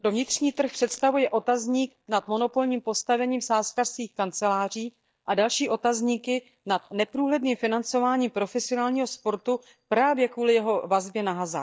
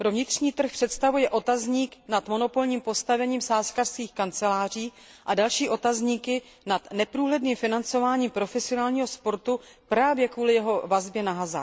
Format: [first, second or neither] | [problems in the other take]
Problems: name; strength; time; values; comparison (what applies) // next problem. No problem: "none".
second | noise reduction (neural mask model DeepFilterNet 3)